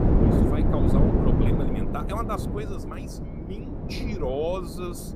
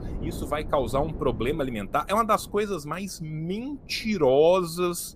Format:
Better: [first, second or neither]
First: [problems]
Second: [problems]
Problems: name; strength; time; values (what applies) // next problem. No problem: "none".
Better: second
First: wind noise on the microphone; heavy; 1 dB above the speech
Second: wind noise on the microphone; occasional gusts; 20 dB below the speech